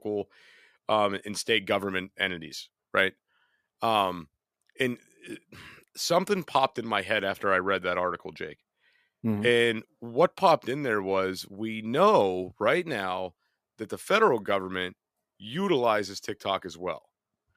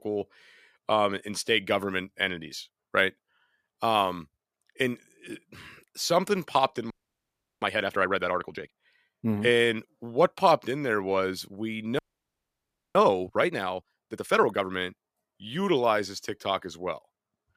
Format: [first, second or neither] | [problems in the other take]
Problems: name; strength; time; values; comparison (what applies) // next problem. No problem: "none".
first | audio freezing; at 7 s for 0.5 s and at 12 s for 1 s